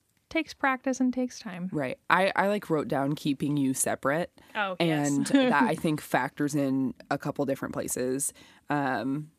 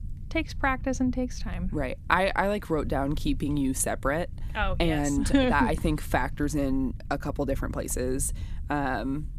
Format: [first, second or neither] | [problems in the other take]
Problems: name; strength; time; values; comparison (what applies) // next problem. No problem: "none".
first | low rumble; faint; throughout; 25 dB below the speech